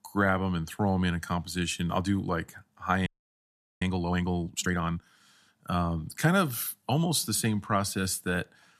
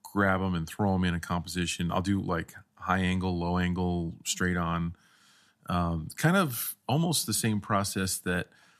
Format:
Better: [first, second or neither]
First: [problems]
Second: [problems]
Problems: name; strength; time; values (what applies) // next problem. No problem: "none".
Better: second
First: audio freezing; at 3 s for 1 s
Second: none